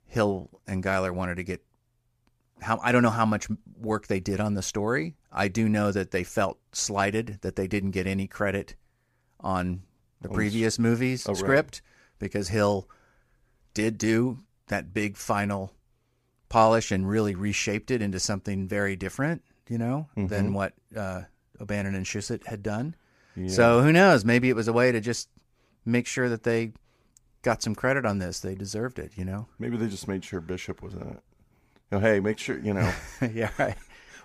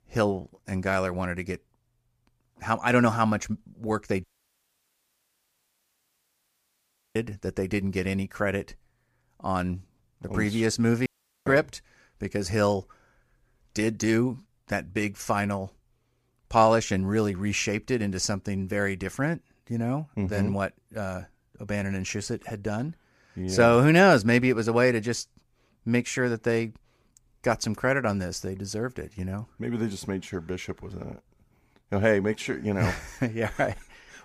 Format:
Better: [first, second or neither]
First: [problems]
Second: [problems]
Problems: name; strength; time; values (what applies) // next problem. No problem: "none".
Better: first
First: none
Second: audio cutting out; at 4 s for 3 s and at 11 s